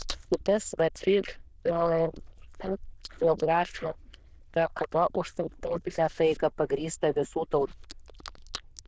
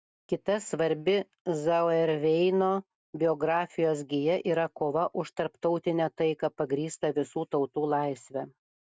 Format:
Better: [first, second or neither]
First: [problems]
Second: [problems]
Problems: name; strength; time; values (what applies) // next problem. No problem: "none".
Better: second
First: noise reduction (neural diffusion model UNIVERSE++)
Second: none